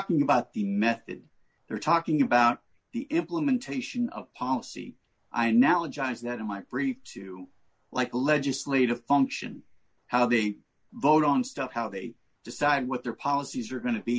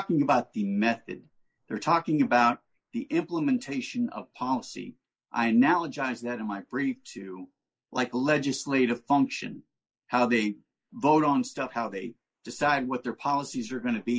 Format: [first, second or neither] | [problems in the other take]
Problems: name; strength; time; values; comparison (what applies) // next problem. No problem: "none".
first | noise reduction (neural mask model Resemble Enhance denoiser)